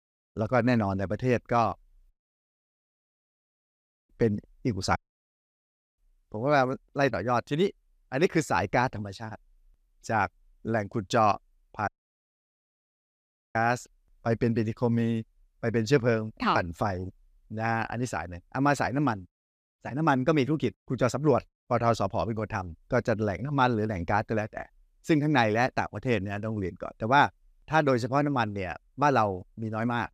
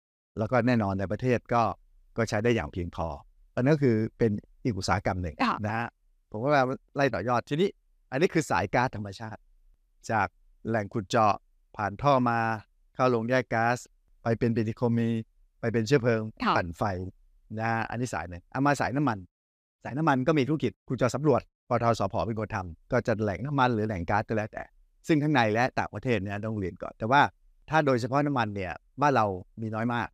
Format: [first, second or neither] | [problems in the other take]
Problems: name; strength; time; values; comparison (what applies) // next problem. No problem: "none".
second | audio cutting out; at 2 s for 2 s, at 5 s for 1 s and at 12 s for 1.5 s